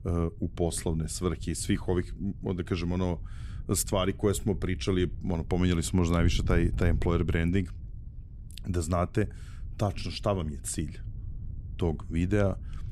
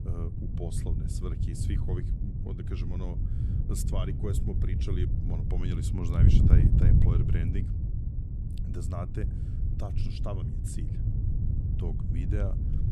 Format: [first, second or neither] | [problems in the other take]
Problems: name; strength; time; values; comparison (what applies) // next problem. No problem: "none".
first | wind noise on the microphone; heavy; as loud as the speech; occasional gusts in the first